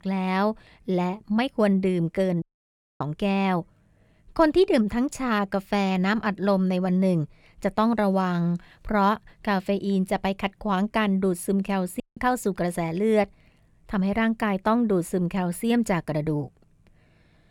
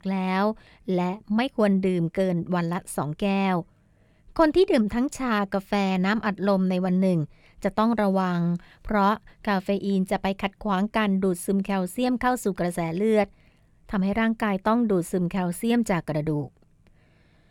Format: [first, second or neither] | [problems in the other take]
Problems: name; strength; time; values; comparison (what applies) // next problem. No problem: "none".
second | audio cutting out; at 2.5 s for 0.5 s and at 12 s